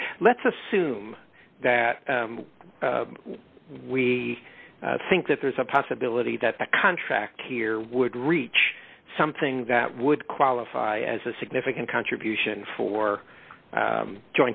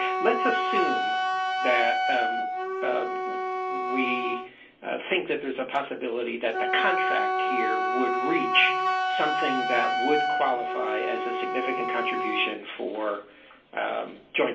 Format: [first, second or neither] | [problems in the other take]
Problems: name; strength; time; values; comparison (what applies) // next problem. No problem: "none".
first | background sound (Wind instrument, woodwind instrument); 1 dB above the speech // room echo; dies away in 0.3 s